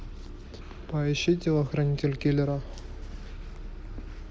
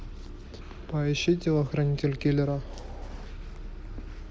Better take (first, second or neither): first